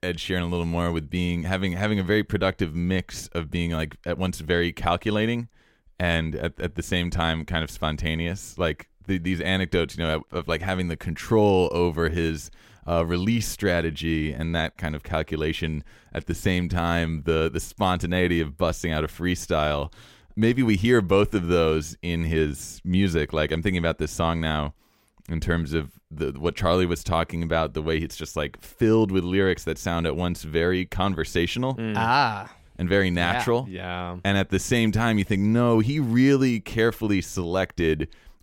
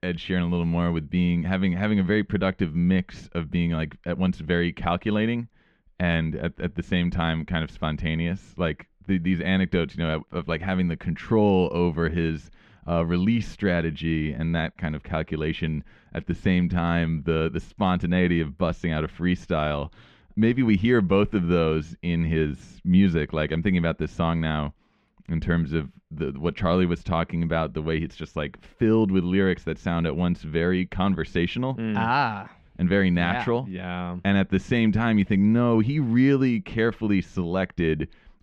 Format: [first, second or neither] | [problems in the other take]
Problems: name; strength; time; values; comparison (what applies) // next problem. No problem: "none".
first | muffled; slightly; fading above 2.5 kHz